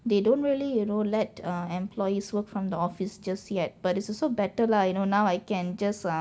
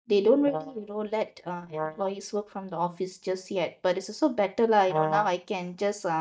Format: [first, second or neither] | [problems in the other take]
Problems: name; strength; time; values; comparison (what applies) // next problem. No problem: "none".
first | noise reduction (neural mask model DeepFilterNet 3)